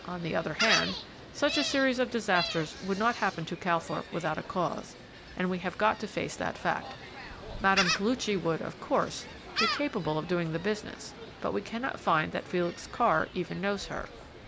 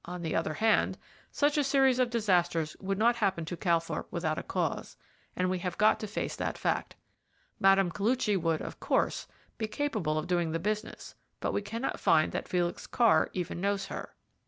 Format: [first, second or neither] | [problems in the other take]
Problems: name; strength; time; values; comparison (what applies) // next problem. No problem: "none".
second | background sound (Gull, seagull); 7 dB below the speech